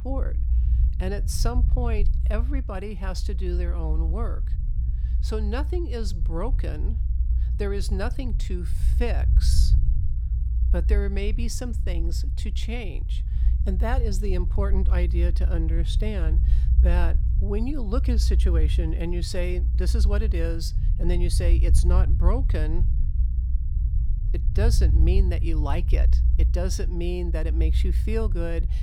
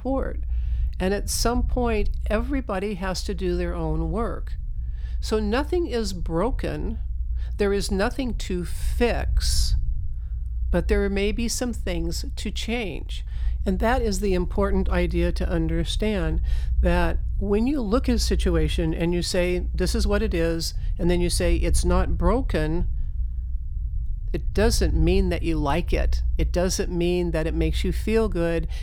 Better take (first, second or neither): second